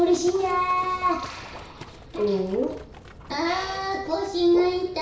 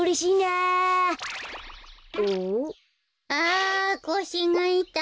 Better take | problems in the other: second | background sound (Livestock, farm animals, working animals); 18 dB below the speech // room echo; dies away in 0.6 s

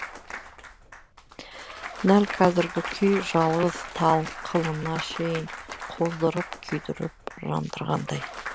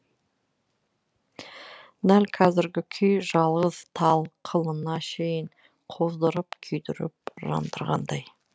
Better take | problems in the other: second | background sound (Applause / Cheering / Clapping); 11 dB below the speech

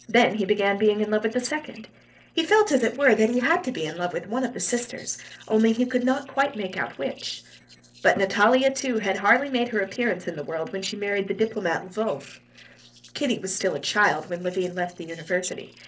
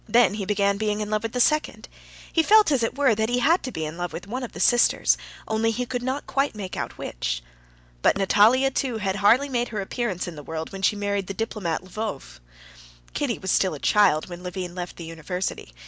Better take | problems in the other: second | noise reduction (neural separator model SepFormer DNS4)

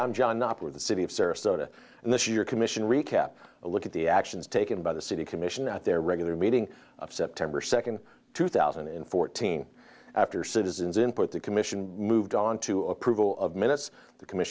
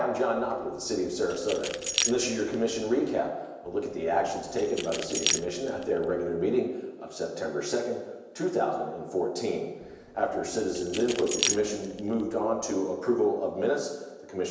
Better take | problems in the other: first | background sound (Keys jangling); 7 dB below the speech // room echo; dies away in 1 s

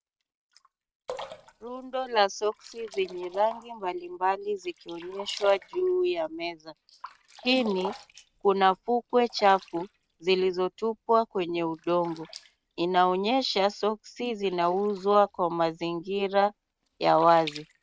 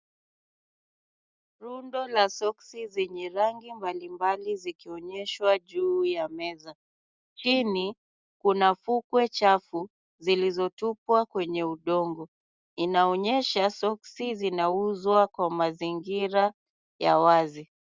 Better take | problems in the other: second | noise reduction (neural mask model RNNoise)

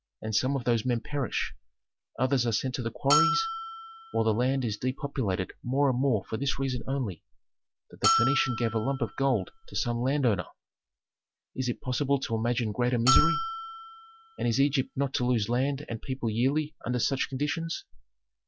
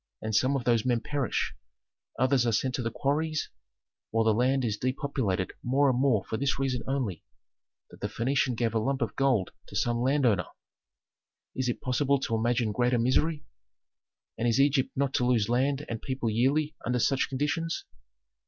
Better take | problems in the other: second | background sound (Bell); 3 dB below the speech

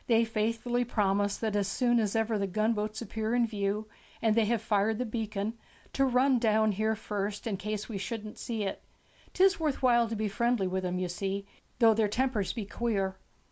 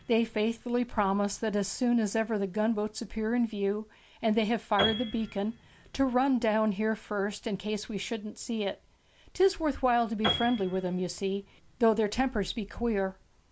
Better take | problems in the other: first | background sound (Piano); 14 dB below the speech

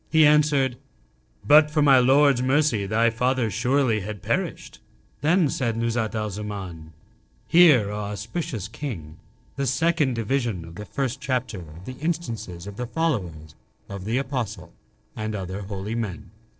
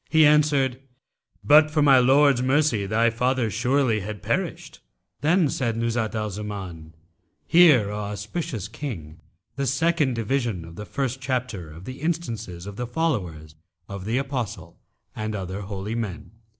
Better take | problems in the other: second | noise reduction (neural separator model SepFormer DNS4)

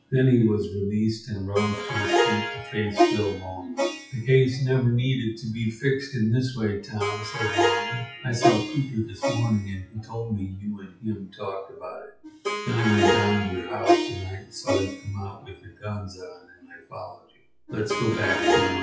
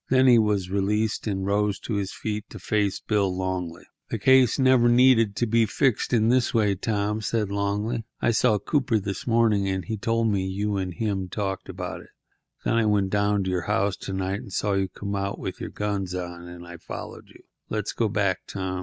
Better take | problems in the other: second | noise reduction (classical method WPE with log-MMSE)

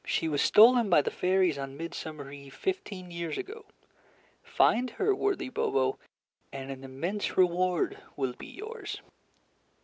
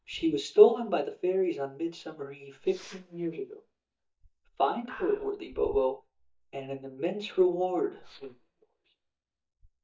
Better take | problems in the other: first | noise reduction (neural mask model DeepFilterNet 3)

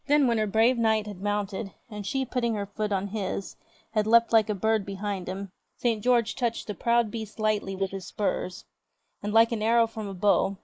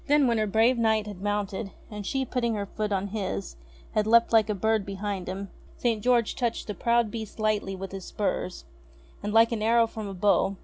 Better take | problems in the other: second | noise reduction (neural mask model Resemble Enhance denoiser)

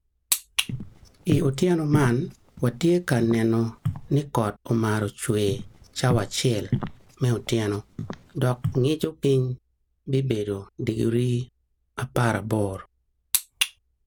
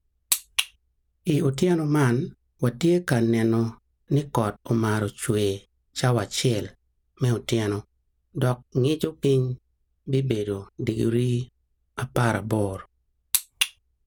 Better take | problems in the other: second | background sound (Walk, footsteps); 8 dB below the speech

